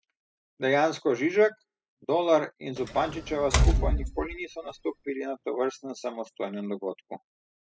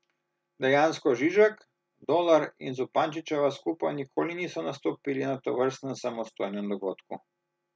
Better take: second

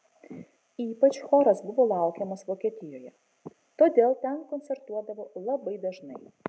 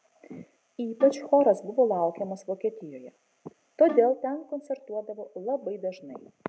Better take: first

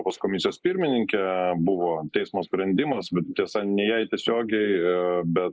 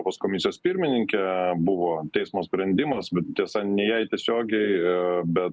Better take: second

